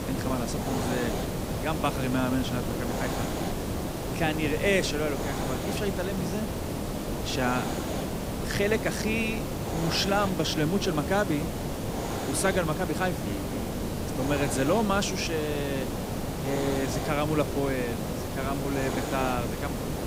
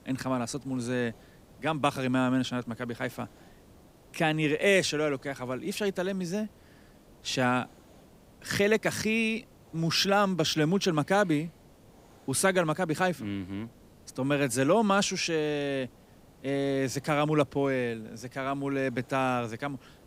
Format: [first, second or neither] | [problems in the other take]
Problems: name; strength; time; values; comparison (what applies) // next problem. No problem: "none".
second | hiss; loud; throughout; 2 dB below the speech; faint in the second